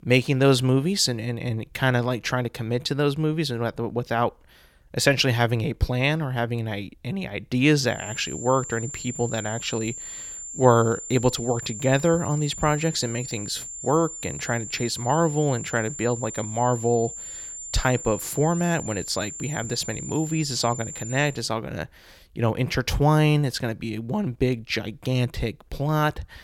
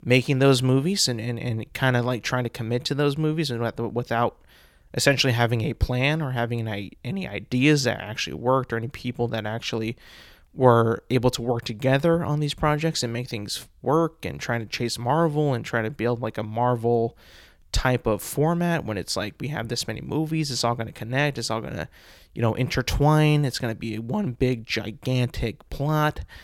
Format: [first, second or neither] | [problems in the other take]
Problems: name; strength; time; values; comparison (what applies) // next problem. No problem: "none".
second | high-pitched whine; loud; from 8 to 21 s; 7.5 kHz, 9 dB below the speech